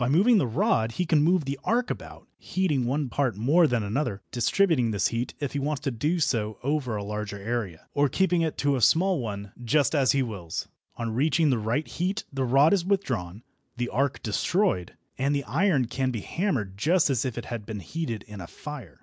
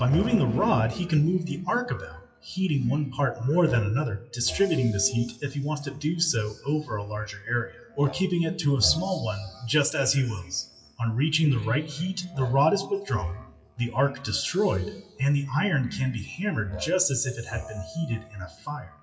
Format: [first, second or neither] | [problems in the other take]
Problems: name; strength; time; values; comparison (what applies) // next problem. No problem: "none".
first | noise reduction (classical method WPE with log-MMSE)